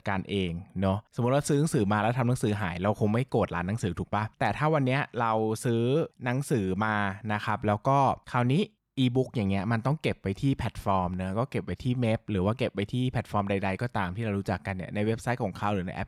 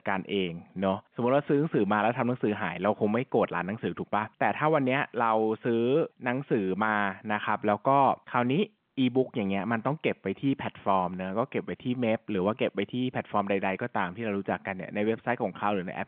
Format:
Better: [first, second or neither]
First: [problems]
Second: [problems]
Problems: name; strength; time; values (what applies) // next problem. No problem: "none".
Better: first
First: none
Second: phone-call audio; nothing above 3.5 kHz